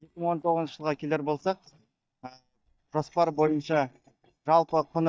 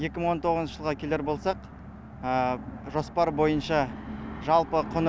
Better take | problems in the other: second | noise reduction (neural mask model DeepFilterNet 3)

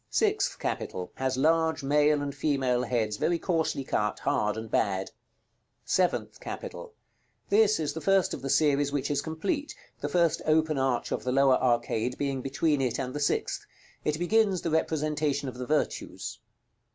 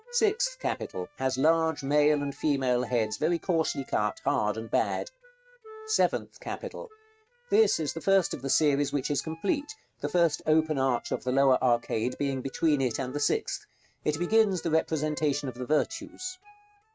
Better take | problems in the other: first | noise reduction (neural mask model RNNoise)

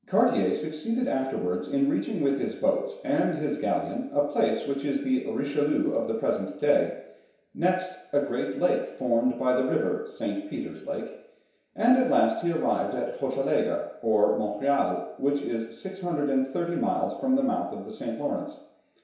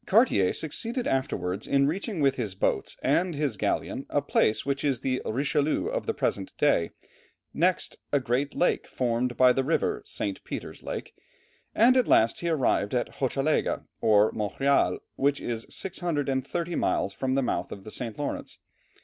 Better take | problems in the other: second | room echo; dies away in 0.7 s

